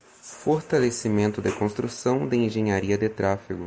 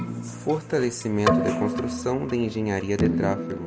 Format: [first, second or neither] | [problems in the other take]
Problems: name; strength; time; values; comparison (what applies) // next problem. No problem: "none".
first | background sound (Keyboard (musical)); 1 dB below the speech